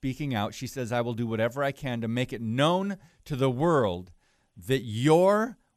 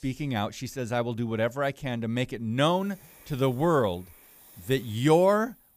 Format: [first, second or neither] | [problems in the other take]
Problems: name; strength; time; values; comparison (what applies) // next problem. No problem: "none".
first | hiss; faint; throughout; 25 dB below the speech